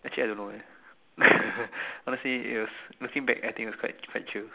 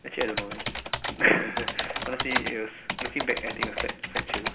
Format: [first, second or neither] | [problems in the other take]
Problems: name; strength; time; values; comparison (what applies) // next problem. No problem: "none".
first | background sound (Typing); 2 dB below the speech // room echo; dies away in 1.9 s